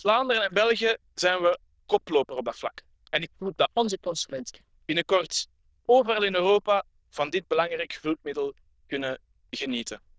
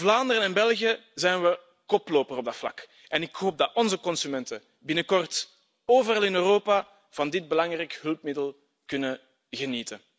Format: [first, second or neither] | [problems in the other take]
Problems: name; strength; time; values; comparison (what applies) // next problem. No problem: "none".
second | noise reduction (neural diffusion model UNIVERSE++)